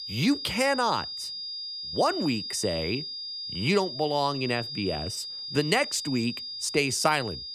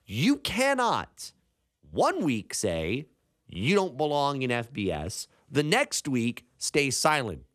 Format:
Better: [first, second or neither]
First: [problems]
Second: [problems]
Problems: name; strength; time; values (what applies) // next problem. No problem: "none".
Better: second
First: high-pitched whine; loud; throughout; 5 kHz, 6 dB below the speech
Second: none